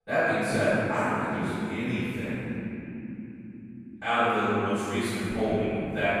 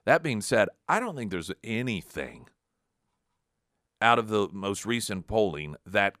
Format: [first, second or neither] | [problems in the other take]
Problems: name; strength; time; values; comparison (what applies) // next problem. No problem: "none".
second | off-mic speech; far // room echo; strong; dies away in 3 s